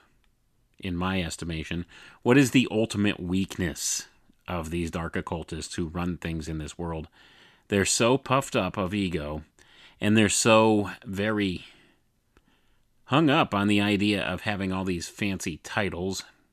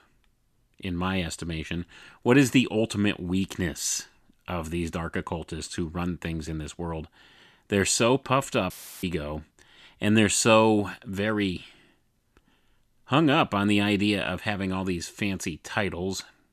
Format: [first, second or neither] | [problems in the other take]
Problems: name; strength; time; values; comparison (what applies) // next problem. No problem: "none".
first | audio cutting out; filled with static; at 8.5 s